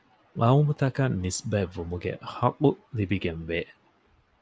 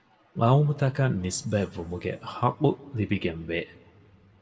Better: first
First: none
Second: room echo; dies away in 0.8 s

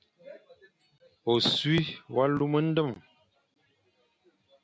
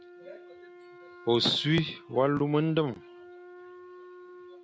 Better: first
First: none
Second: background sound (Wind instrument, woodwind instrument); 19 dB below the speech

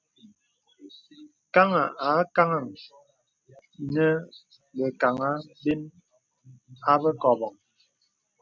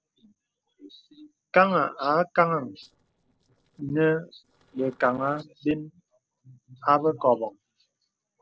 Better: first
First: none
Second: noise reduction (neural separator model SepFormer DNS4)

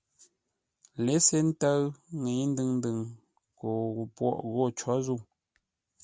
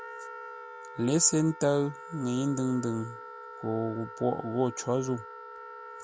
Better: first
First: none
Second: background sound (Wind instrument, woodwind instrument); 13 dB below the speech

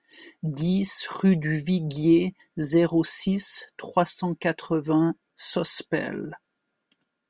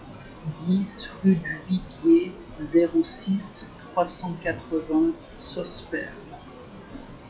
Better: first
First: none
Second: noise reduction (classical method log-MMSE)

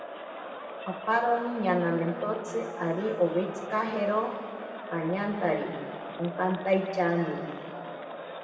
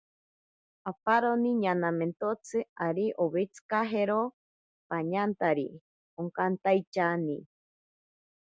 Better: second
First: background sound (Crowd); 10 dB below the speech // room echo; dies away in 2.2 s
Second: none

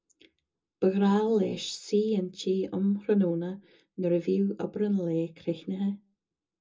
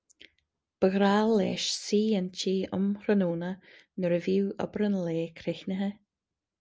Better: second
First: room echo; dies away in 0.2 s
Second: none

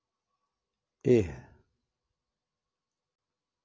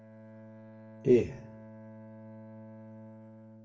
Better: first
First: none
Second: noise reduction (neural separator model SepFormer DNS4)

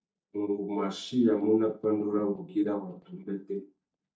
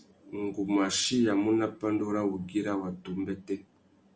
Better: second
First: noise reduction (neural mask model DeepFilterNet 3)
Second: none

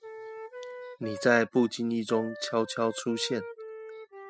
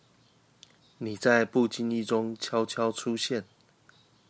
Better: second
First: noise reduction (classical method spectral subtraction)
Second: none

